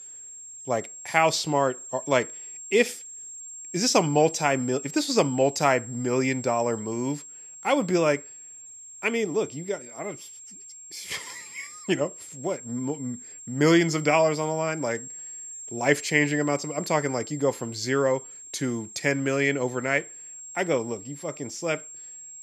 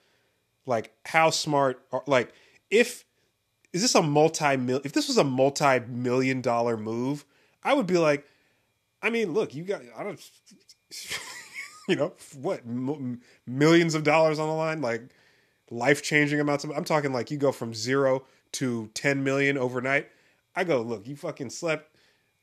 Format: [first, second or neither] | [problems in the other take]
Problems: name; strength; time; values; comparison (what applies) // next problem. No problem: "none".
second | high-pitched whine; noticeable; throughout; 7.5 kHz, 15 dB below the speech